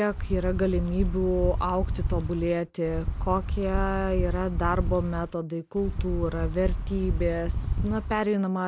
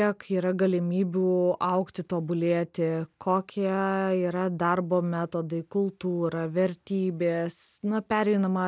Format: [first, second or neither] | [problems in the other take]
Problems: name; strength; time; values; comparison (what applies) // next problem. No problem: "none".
second | background sound (Wind); 1 dB below the speech